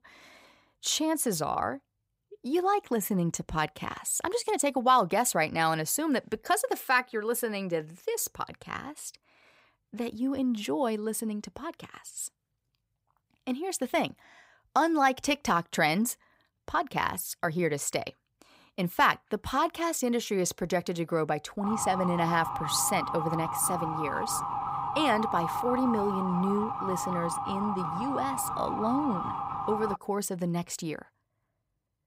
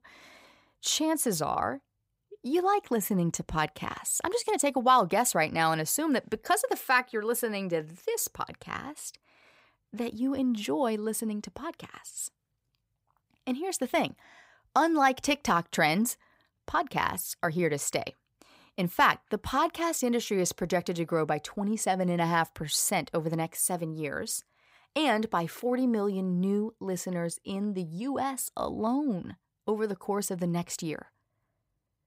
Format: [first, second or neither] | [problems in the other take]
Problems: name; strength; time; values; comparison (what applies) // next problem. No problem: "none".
second | siren; noticeable; from 22 to 30 s; peak 2 dB below the speech